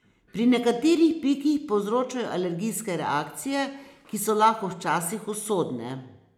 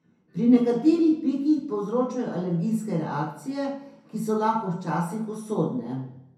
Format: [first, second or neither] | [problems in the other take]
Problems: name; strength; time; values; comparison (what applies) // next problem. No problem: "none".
first | room echo; dies away in 0.5 s